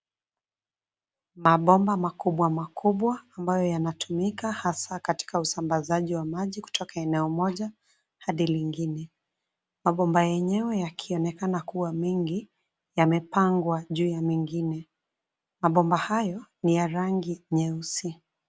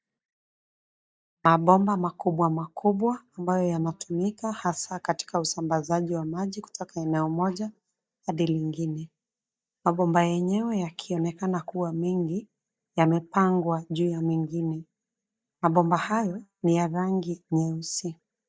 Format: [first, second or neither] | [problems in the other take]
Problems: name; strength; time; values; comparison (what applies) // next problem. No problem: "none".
first | noise reduction (neural mask model DeepFilterNet 3)